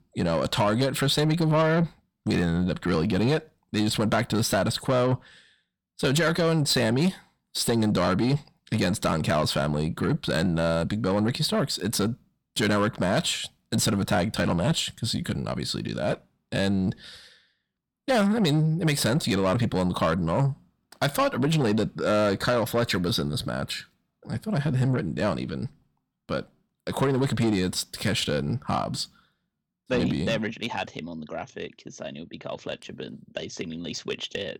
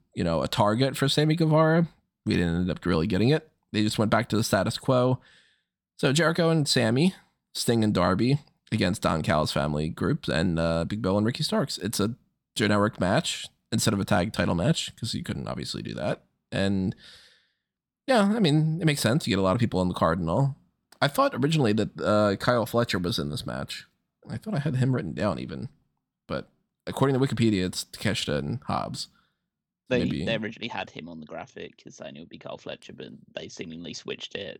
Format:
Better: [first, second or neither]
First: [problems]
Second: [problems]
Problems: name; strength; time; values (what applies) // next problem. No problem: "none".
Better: second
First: distortion; slight; 10 dB below the speech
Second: none